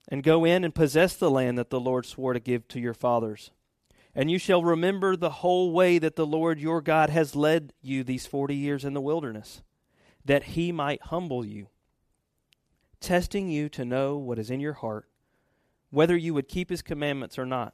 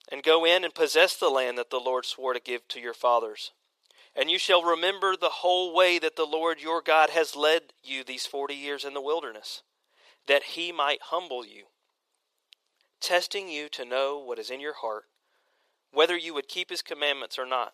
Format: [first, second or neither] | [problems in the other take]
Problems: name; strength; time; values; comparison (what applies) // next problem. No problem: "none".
first | thin; very; fading below 450 Hz